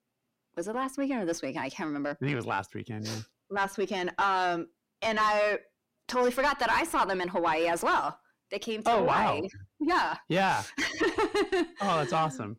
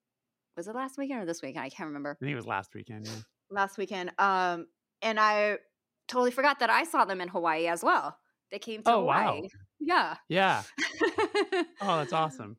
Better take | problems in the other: second | distortion; heavy; 7 dB below the speech

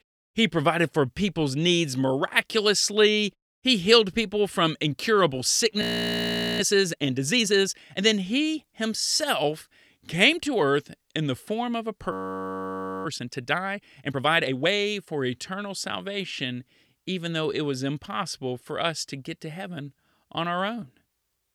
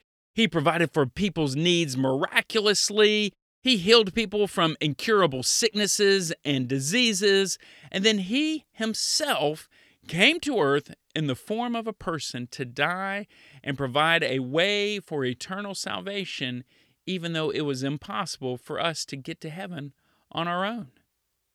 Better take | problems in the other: second | audio freezing; at 6 s for 1 s and at 12 s for 1 s

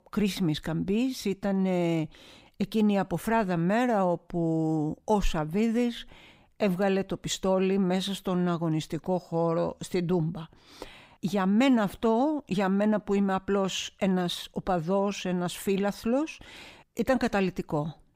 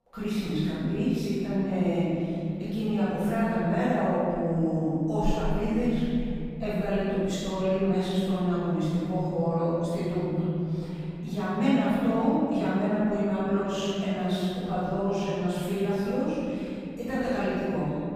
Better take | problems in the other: first | room echo; strong; dies away in 3 s // off-mic speech; far

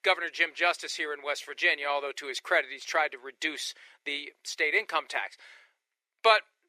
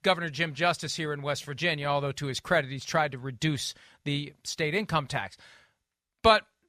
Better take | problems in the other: second | thin; very; fading below 350 Hz

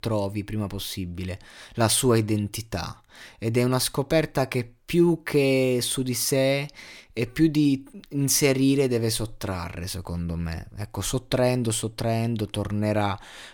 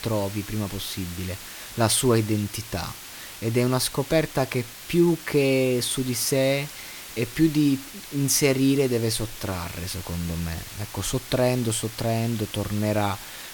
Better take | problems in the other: first | hiss; noticeable; throughout; 15 dB below the speech

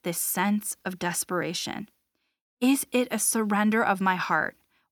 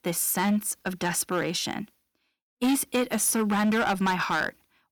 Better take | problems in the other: first | distortion; slight; 9% of the sound clipped

